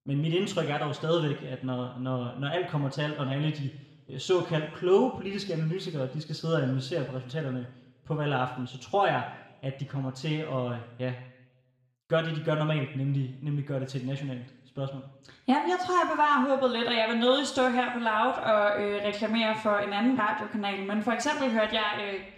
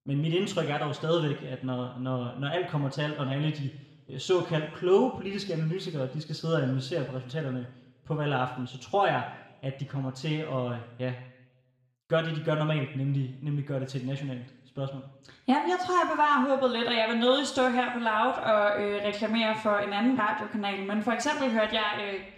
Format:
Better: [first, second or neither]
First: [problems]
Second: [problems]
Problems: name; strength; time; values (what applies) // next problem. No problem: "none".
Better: neither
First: room echo; slight; dies away in 0.9 s // off-mic speech; somewhat distant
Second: room echo; slight; dies away in 0.9 s // off-mic speech; somewhat distant